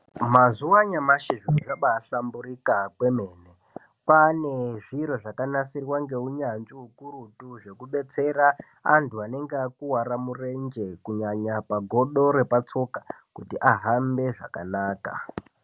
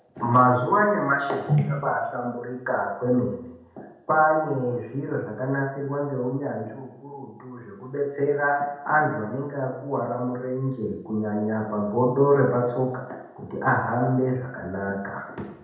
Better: first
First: none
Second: room echo; dies away in 0.8 s

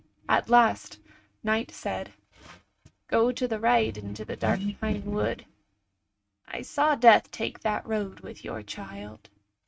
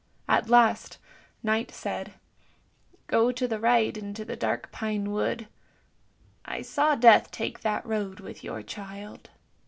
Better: second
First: noise reduction (neural mask model RNNoise)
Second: none

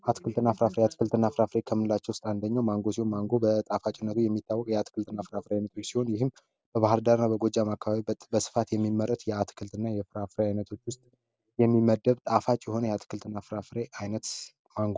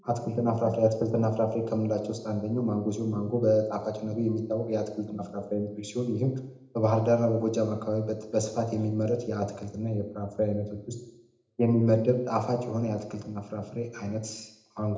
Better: first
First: none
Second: room echo; dies away in 0.8 s

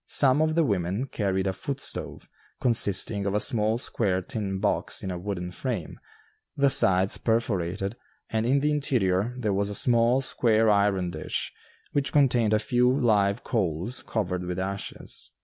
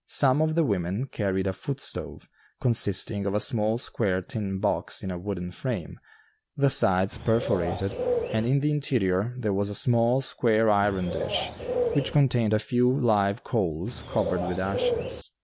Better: first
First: none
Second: background sound (Bird); 4 dB below the speech

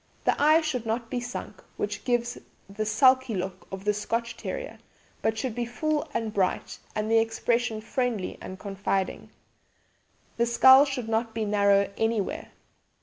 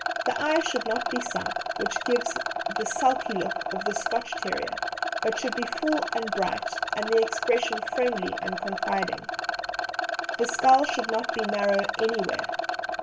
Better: first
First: none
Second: background sound (Rattle); 2 dB below the speech // room echo; dies away in 0.2 s

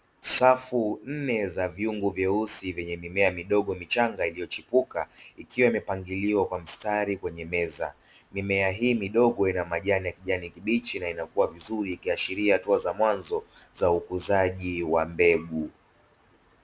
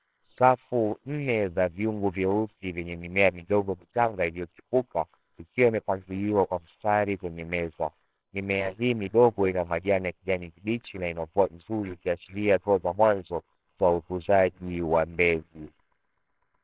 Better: first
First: none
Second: noise reduction (neural separator model SepFormer WHAMR!)

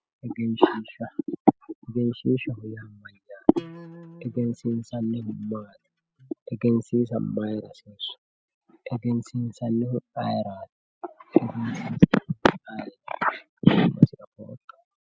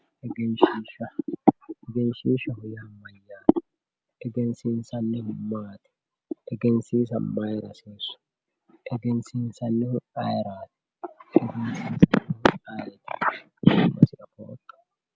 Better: second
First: noise reduction (classical method spectral subtraction)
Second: none

